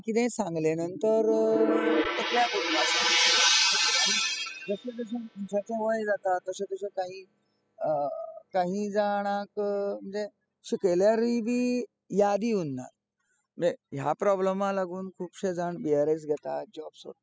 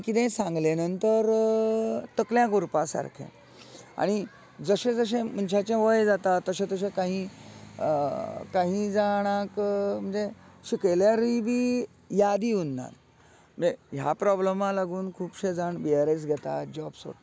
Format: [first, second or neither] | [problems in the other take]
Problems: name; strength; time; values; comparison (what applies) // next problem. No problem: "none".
second | noise reduction (classical method spectral subtraction)